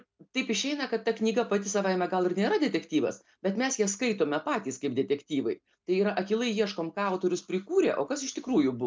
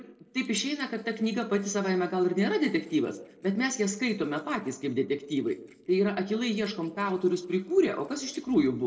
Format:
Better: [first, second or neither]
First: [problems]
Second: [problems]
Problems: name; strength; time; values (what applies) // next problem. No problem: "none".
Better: first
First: none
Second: noise reduction (neural separator model SepFormer DNS4)